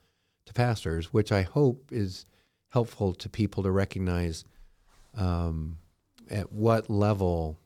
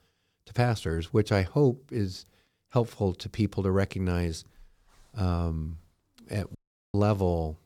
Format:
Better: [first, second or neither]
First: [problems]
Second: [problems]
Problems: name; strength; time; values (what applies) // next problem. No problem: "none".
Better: first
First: none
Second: audio cutting out; at 6.5 s